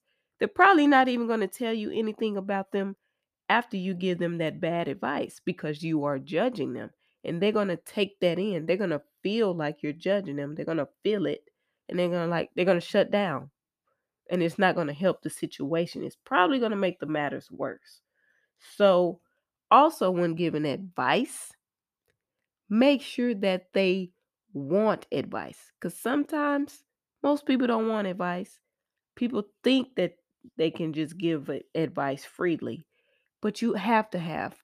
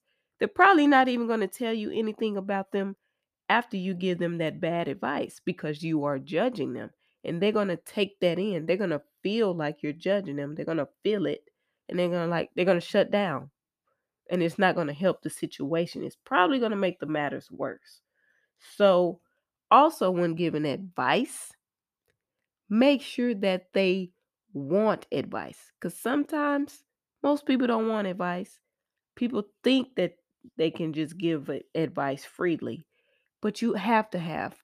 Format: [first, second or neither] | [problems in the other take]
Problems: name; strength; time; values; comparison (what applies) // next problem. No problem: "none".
neither | none